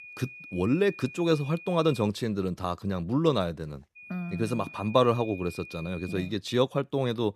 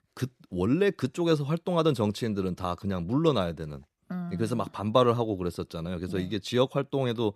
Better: second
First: high-pitched whine; noticeable; until 2 s and from 4 to 6.5 s; 2.5 kHz, 15 dB below the speech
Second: none

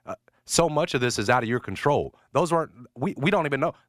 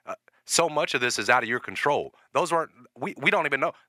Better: first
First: none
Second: thin; somewhat; fading below 550 Hz

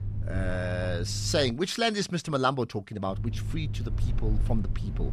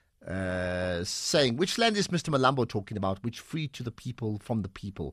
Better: second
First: low rumble; noticeable; until 1.5 s and from 3 s on; 15 dB below the speech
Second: none

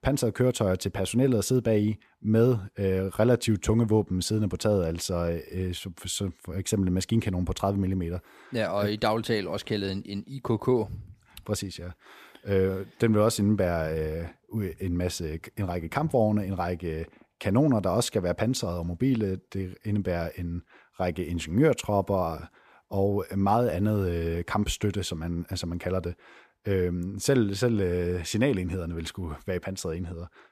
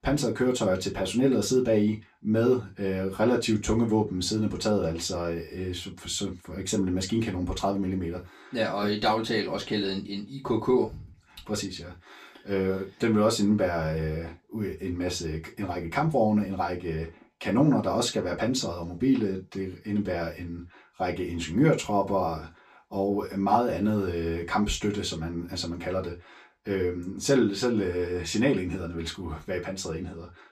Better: first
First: none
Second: room echo; very slight; dies away in 0.2 s // off-mic speech; far

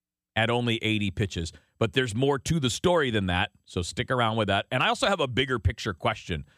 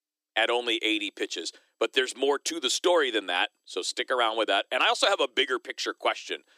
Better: first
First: none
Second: thin; very; fading below 300 Hz

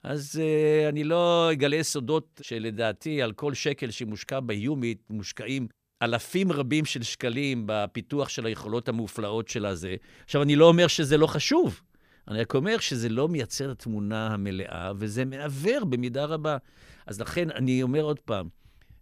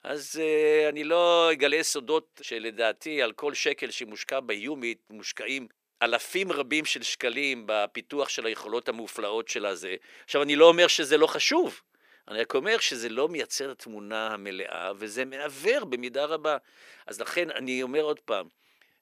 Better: first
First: none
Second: thin; somewhat; fading below 400 Hz

